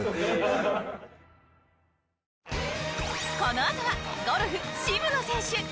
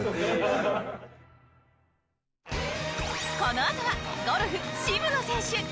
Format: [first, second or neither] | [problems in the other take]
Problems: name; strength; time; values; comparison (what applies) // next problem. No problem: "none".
first | background sound (Bowed string instrument); 17 dB below the speech